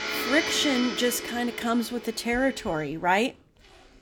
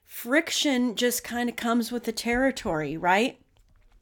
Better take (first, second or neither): second